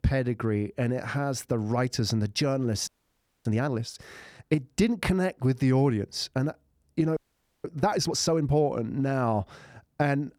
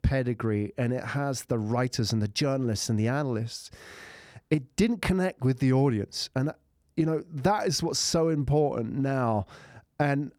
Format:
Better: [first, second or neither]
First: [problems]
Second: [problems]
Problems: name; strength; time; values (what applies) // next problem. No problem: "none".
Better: second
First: audio freezing; at 3 s for 0.5 s and at 7 s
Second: none